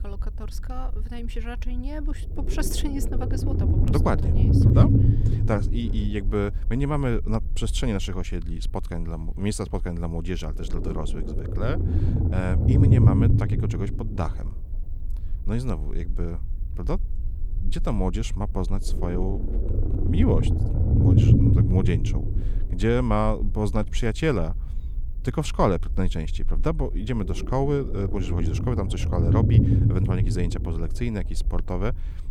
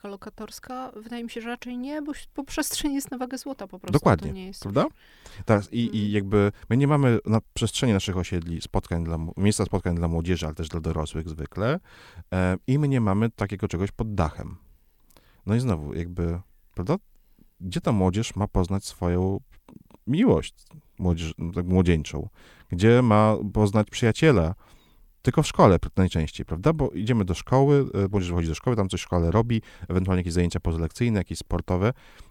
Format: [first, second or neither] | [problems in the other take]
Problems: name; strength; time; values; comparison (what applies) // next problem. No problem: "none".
second | low rumble; loud; throughout; 2 dB below the speech